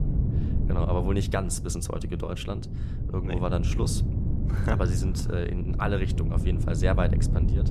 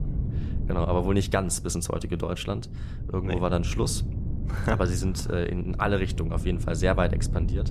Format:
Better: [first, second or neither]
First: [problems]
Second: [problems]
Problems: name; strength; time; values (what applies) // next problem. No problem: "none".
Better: second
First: wind noise on the microphone; heavy; 7 dB below the speech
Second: wind noise on the microphone; occasional gusts; 15 dB below the speech